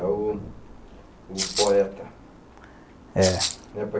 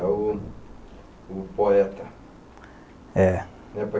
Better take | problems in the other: second | background sound (Rattle (instrument)); 2 dB below the speech

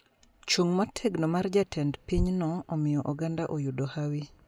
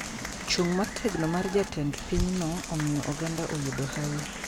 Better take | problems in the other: first | background sound (Subway, metro, underground + Applause); 7 dB below the speech

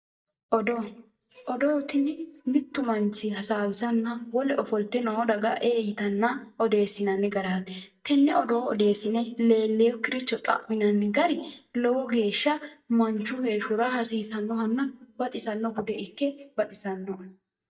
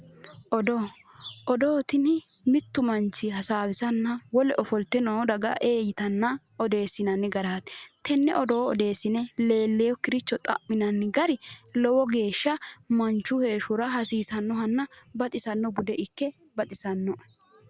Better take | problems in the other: second | noise reduction (neural mask model DeepFilterNet 3)

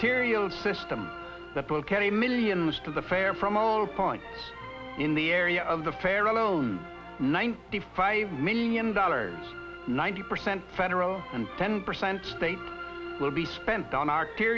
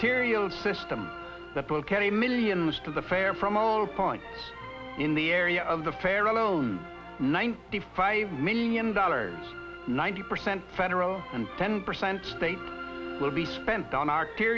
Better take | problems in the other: first | background sound (Bowed string instrument); 18 dB below the speech

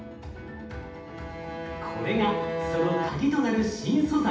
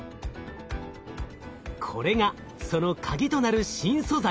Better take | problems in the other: second | background sound (Bowed string instrument); 6 dB below the speech // room echo; dies away in 0.8 s

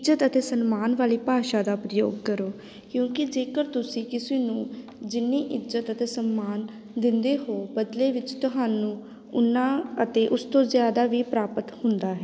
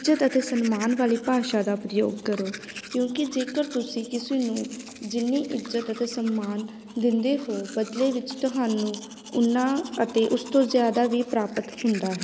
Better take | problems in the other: first | background sound (Domestic sounds, home sounds); 18 dB below the speech

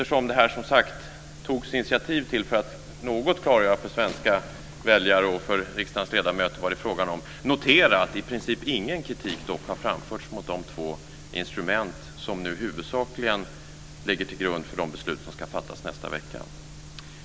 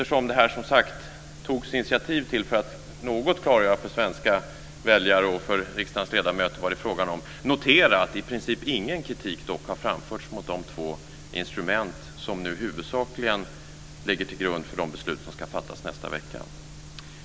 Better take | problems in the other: second | background sound (Gunshot, gunfire); 19 dB below the speech

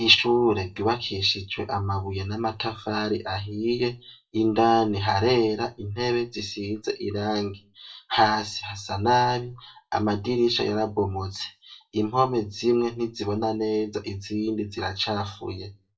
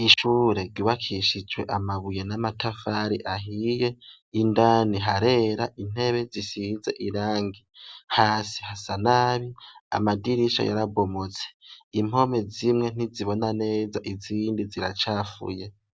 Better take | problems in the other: second | room echo; dies away in 0.2 s

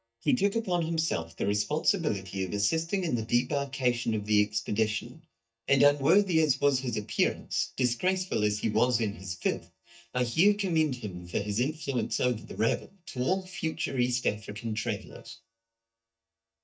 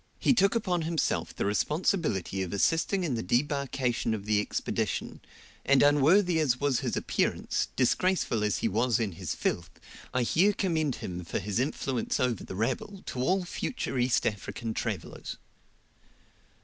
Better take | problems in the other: second | noise reduction (neural mask model DeepFilterNet 3)

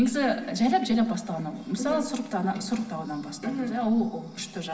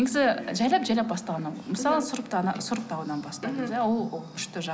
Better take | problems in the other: second | room echo; dies away in 0.8 s

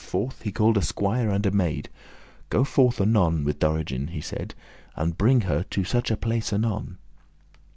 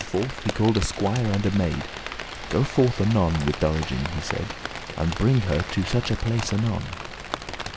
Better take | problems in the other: first | background sound (Rain); 10 dB below the speech

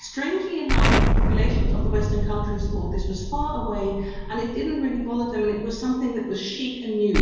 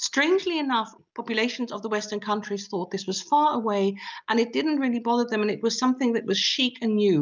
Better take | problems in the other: second | background sound (Explosion); 3 dB above the speech // room echo; dies away in 1.2 s

